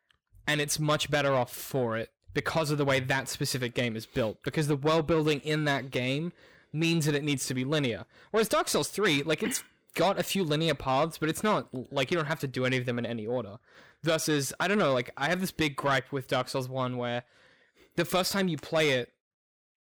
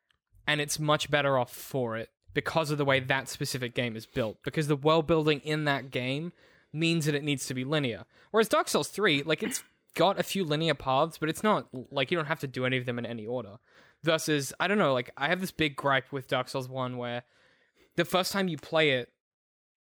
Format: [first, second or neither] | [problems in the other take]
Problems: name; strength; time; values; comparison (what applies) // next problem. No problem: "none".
second | distortion; slight; 10 dB below the speech